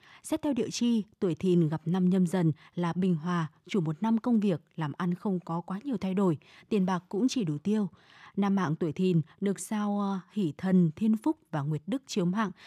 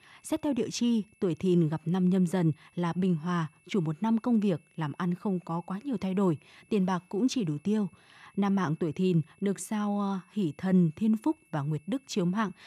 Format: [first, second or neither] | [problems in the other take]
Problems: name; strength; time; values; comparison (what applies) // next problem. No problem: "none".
first | high-pitched whine; faint; throughout; 2.5 kHz, 35 dB below the speech